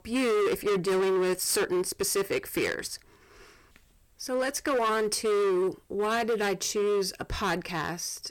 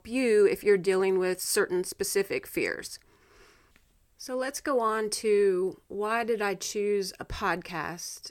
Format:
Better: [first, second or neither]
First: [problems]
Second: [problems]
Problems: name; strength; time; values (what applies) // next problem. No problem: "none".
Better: second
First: distortion; heavy; 19% of the sound clipped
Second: none